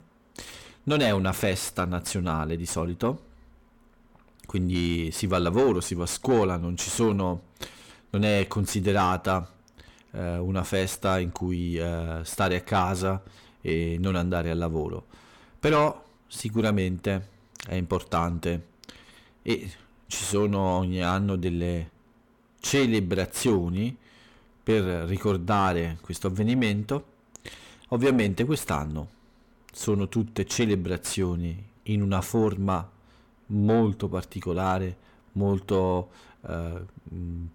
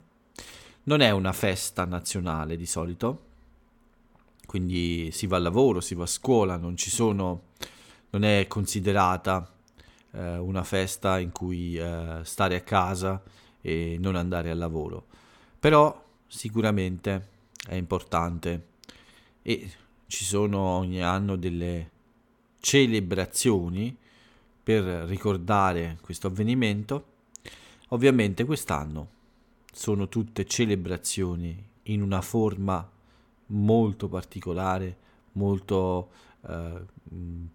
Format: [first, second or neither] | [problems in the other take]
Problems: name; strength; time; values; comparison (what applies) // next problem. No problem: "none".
second | distortion; slight; 9 dB below the speech